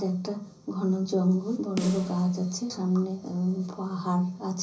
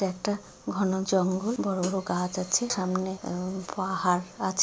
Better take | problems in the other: second | background sound (Snare drum); 13 dB below the speech // room echo; dies away in 0.5 s

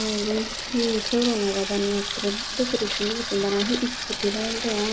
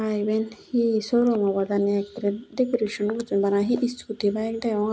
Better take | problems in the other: second | background sound (Sink (filling or washing) / Water tap, faucet); 4 dB below the speech

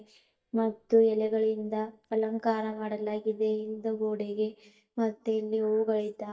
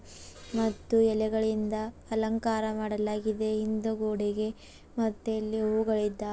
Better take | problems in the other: second | noise reduction (neural mask model DeepFilterNet 3)

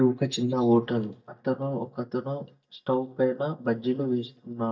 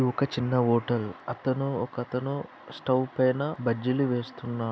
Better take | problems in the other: second | noise reduction (neural mask model DeepFilterNet 3)

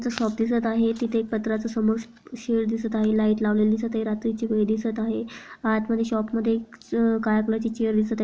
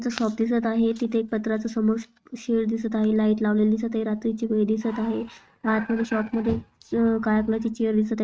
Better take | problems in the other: first | noise reduction (neural mask model RNNoise)

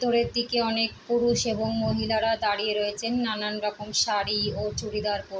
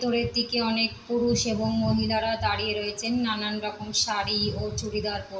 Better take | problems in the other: first | background sound (Bowed string instrument); 20 dB below the speech // room echo; dies away in 1.6 s

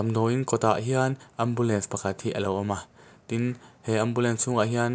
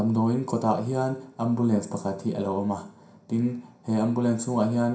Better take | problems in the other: first | room echo; dies away in 0.5 s

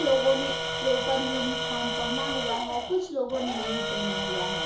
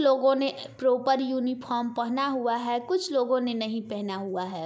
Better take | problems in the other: second | background sound (Tools); 1 dB below the speech // room echo; dies away in 0.7 s

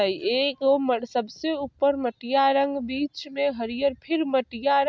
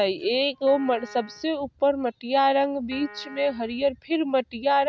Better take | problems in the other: first | background sound (Piano); 20 dB below the speech

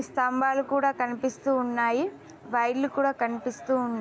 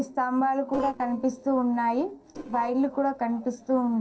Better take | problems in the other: first | noise reduction (neural separator model SepFormer DNS4)

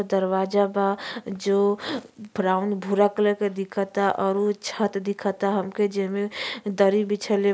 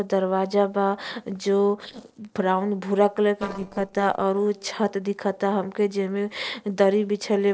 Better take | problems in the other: first | noise reduction (neural separator model SepFormer DNS4)

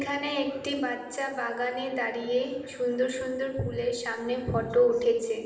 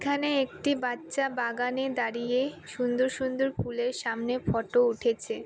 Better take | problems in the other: second | room echo; dies away in 1.2 s

